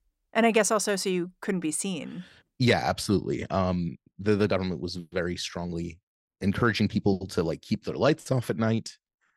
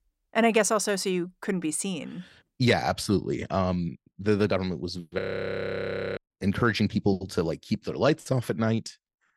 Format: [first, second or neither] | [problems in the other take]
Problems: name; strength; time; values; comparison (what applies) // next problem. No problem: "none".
first | audio freezing; at 5 s for 1 s